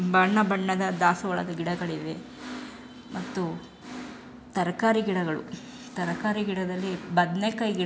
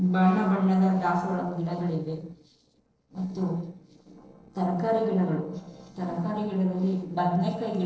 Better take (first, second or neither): first